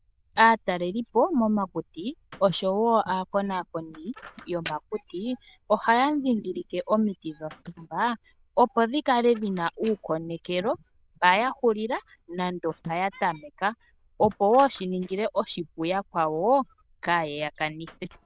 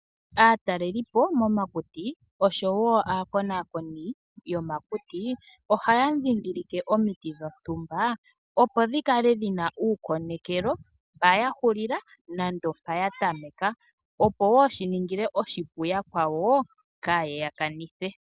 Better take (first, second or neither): second